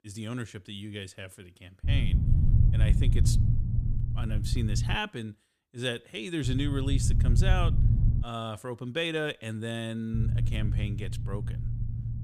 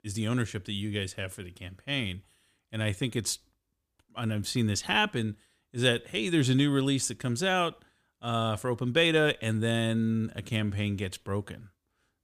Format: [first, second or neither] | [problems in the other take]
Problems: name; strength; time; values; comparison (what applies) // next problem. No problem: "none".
second | low rumble; loud; from 2 to 5 s, from 6.5 to 8 s and from 10 s on; 6 dB below the speech